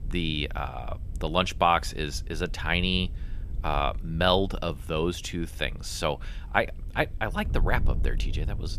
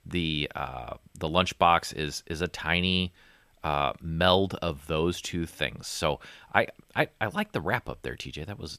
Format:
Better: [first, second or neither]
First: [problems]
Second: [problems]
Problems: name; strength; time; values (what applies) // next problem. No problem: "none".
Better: second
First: wind noise on the microphone; occasional gusts; 25 dB below the speech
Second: none